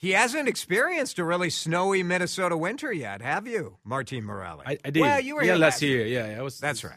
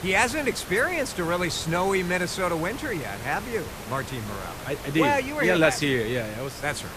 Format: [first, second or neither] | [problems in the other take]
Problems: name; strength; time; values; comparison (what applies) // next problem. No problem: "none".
first | hiss; noticeable; throughout; 10 dB below the speech